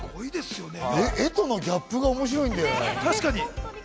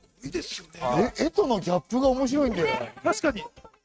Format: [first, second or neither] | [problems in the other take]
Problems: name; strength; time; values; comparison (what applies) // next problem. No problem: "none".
first | noise reduction (neural mask model RNNoise)